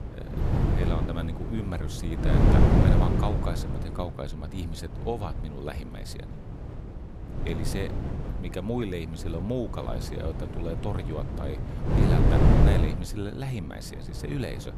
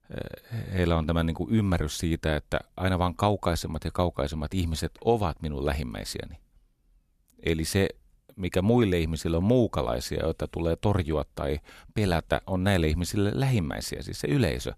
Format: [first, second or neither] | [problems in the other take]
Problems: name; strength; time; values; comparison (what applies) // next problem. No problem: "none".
second | wind noise on the microphone; heavy; 3 dB above the speech